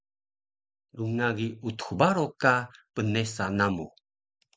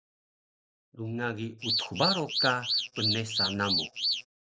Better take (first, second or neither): first